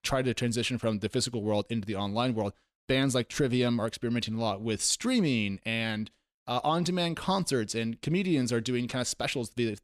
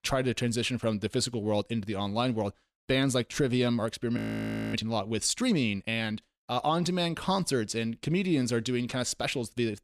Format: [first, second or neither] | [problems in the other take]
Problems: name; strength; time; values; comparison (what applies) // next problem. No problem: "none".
first | audio freezing; at 4 s for 0.5 s